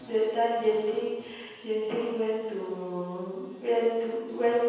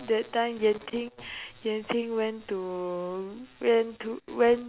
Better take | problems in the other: second | room echo; dies away in 1.2 s

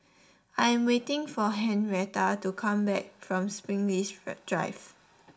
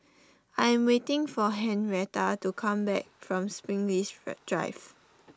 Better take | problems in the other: second | room echo; dies away in 0.3 s

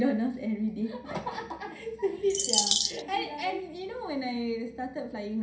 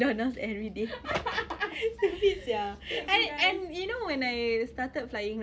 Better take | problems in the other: second | background sound (Bird vocalization, bird call, bird song); 5 dB above the speech // room echo; dies away in 0.5 s

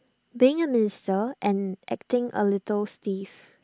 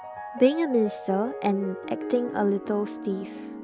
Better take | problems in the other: first | background sound (Piano); 10 dB below the speech

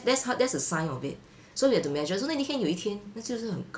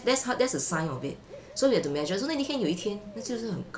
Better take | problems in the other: first | background sound (Cricket / Bird); 19 dB below the speech

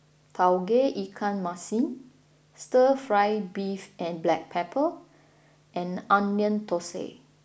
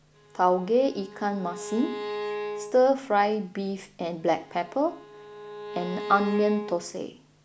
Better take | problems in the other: first | background sound (Bowed string instrument); 11 dB below the speech

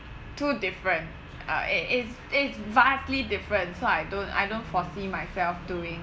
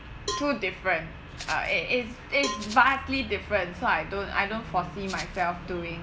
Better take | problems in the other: first | background sound (Cowbell + Rattle (instrument)); 12 dB below the speech

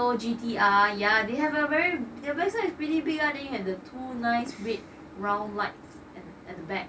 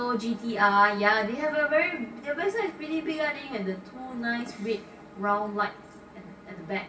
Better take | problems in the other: first | room echo; dies away in 2 s

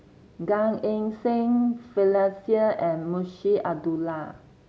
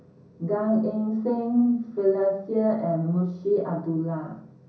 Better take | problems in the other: first | room echo; dies away in 0.6 s

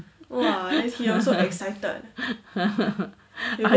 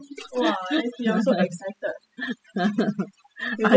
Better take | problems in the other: first | noise reduction (classical method spectral subtraction)

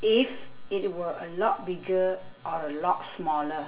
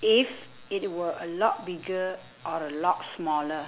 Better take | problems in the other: second | room echo; dies away in 0.2 s

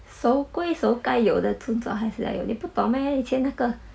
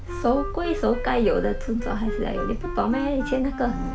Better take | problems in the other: first | background sound (Sliding door + Wind instrument, woodwind instrument); 4 dB below the speech

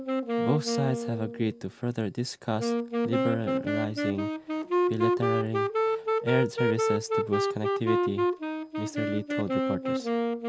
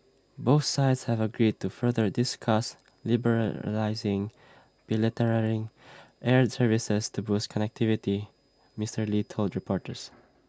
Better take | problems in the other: second | background sound (Wind instrument, woodwind instrument); 3 dB above the speech

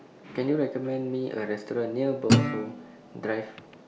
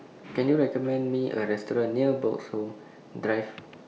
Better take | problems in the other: second | background sound (Guitar); 3 dB above the speech

